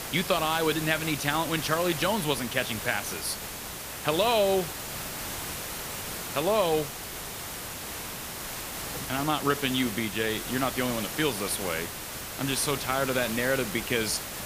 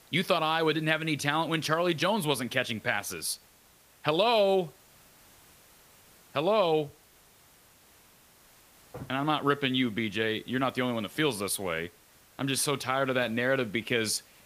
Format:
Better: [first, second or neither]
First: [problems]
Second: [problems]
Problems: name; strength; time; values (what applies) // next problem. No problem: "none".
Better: second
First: hiss; loud; throughout; 6 dB below the speech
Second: hiss; faint; throughout; 30 dB below the speech